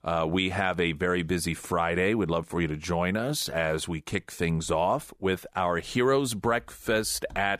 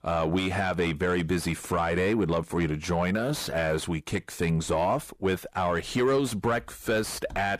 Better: first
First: none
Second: distortion; slight; 10 dB below the speech

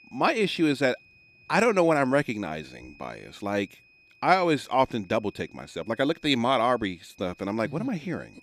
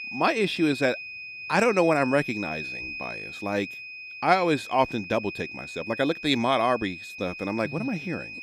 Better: first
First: high-pitched whine; faint; throughout; 2.5 kHz, 30 dB below the speech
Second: high-pitched whine; loud; throughout; 2.5 kHz, 10 dB below the speech

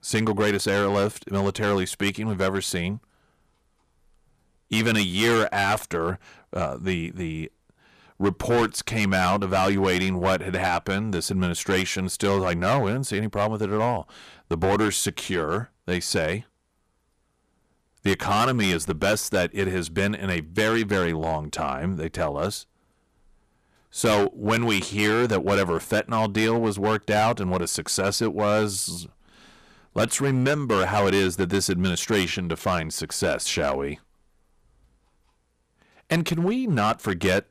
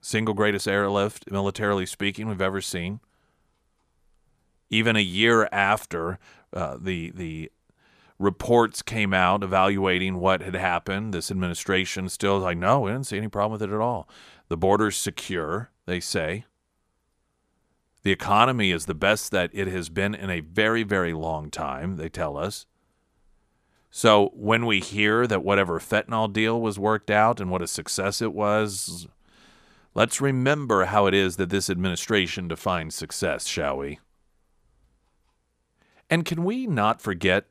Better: second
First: distortion; heavy; 7% of the sound clipped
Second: none

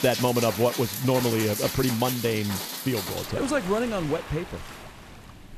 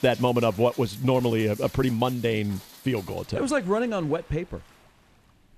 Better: second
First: rain or running water; loud; throughout; 6 dB below the speech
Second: rain or running water; faint; throughout; 20 dB below the speech

